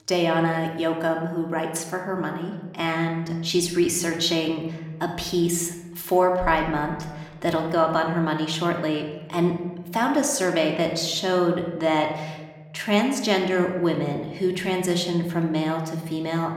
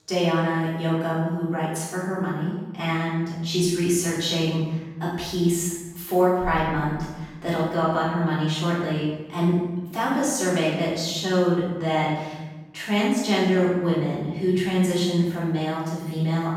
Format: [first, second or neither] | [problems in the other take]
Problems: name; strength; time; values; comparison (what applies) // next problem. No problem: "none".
first | room echo; strong; dies away in 1.2 s; slight in the first // off-mic speech; far